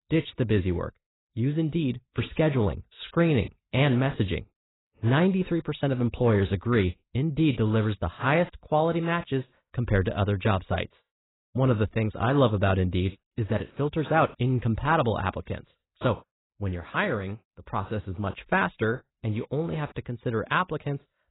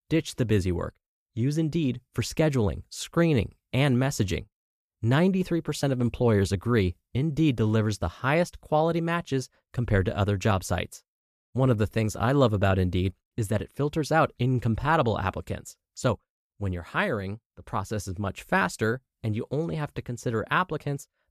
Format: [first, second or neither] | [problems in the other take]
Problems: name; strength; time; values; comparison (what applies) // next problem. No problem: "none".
second | garbled, watery; badly; nothing above 4 kHz